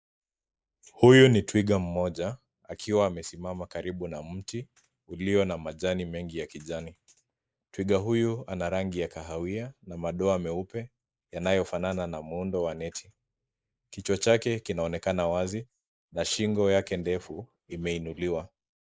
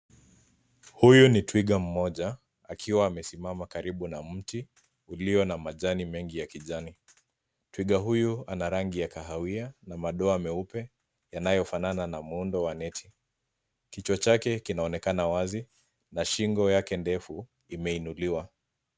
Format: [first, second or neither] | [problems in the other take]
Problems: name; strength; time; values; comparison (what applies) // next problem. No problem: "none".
second | noise reduction (neural mask model Resemble Enhance denoiser)